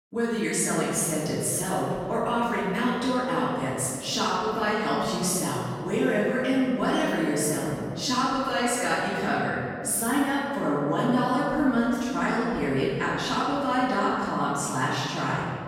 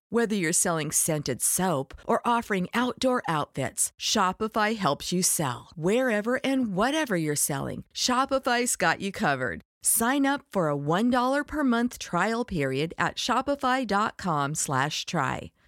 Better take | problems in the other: second | room echo; strong; dies away in 2.2 s // off-mic speech; far

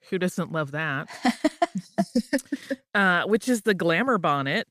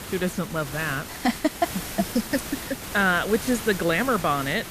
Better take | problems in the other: first | hiss; loud; throughout; 9 dB below the speech

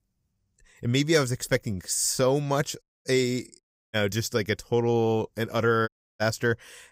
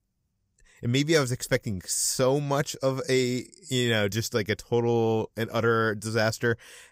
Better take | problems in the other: second | audio cutting out; at 3 s, at 3.5 s and at 6 s

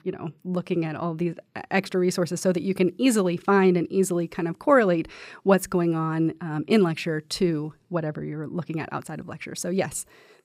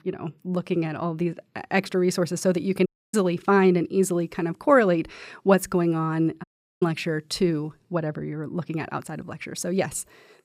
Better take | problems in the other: first | audio cutting out; at 3 s and at 6.5 s

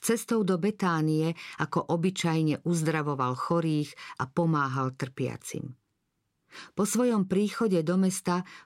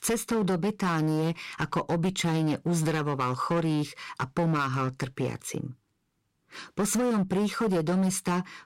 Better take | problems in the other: first | distortion; slight; 14% of the sound clipped

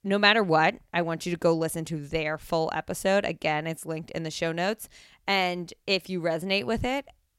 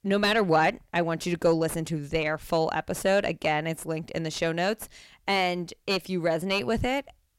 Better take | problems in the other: first | distortion; slight; 10 dB below the speech

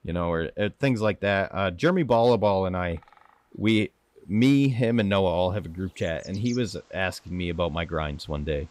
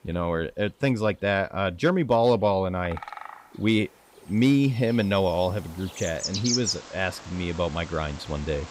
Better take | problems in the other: first | animal sounds; loud; throughout; 9 dB below the speech; faint in the first

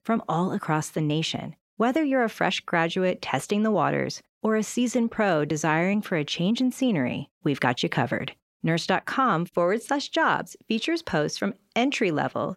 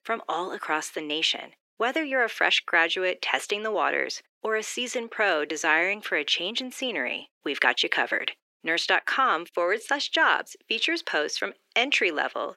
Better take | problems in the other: first | thin; very; fading below 350 Hz

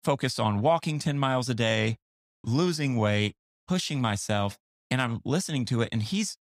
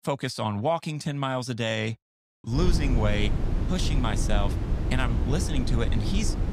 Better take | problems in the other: first | wind noise on the microphone; heavy; from 2.5 s on; 8 dB below the speech

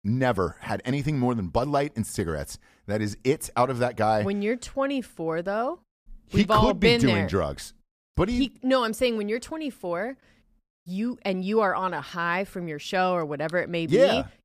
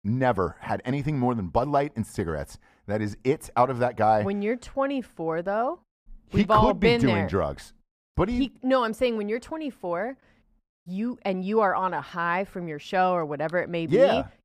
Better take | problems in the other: first | muffled; slightly; fading above 3 kHz

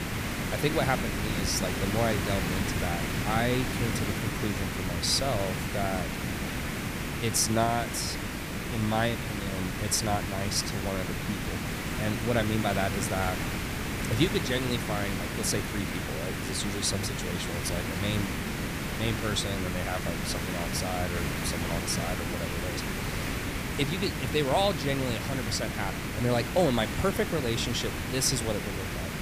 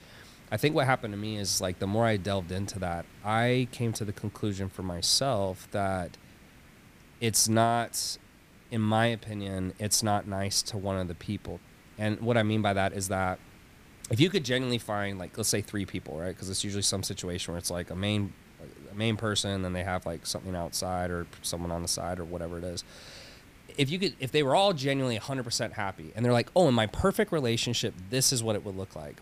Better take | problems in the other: second | hiss; loud; throughout; 1 dB below the speech; faint in the second

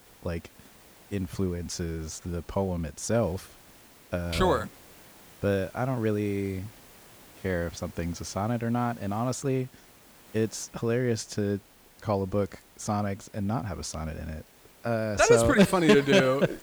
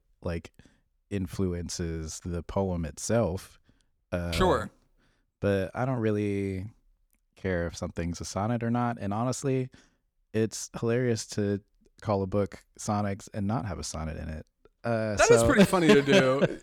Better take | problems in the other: second | hiss; faint; throughout; 25 dB below the speech

